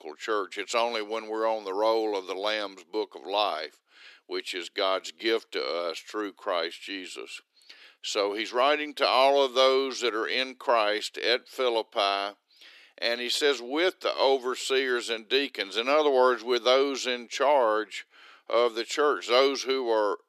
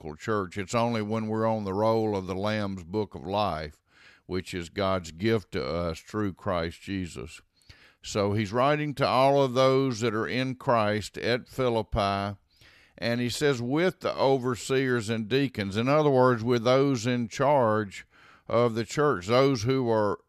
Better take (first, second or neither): second